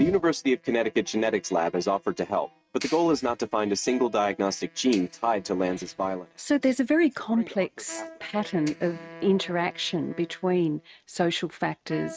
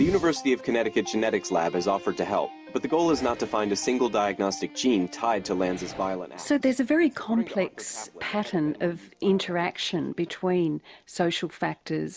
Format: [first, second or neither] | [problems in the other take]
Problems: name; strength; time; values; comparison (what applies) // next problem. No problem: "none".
second | noise reduction (neural mask model RNNoise)